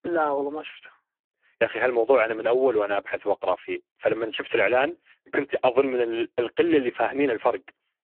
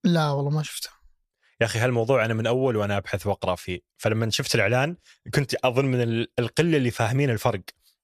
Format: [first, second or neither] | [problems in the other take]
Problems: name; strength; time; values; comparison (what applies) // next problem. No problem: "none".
second | phone-call audio; poor line